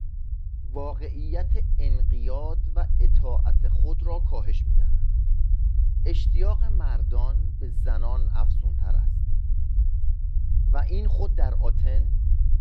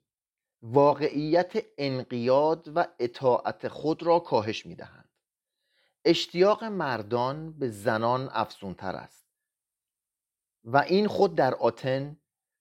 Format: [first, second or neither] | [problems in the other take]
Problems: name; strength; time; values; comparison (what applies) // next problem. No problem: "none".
second | low rumble; loud; throughout; 6 dB below the speech